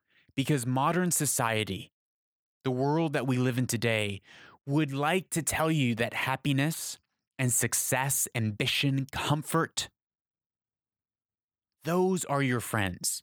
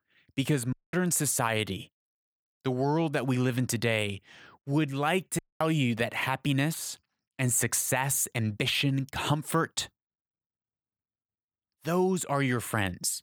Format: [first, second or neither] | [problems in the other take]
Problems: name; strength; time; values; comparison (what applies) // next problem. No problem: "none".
first | audio cutting out; at 0.5 s and at 5.5 s